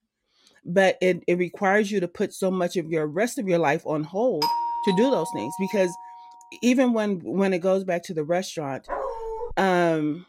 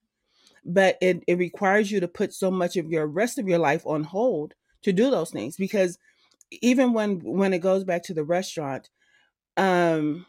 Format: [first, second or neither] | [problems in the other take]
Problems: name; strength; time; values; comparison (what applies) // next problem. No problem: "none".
second | doorbell; noticeable; from 4.5 to 6 s; peak 1 dB below the speech // dog barking; noticeable; at 9 s; peak 6 dB below the speech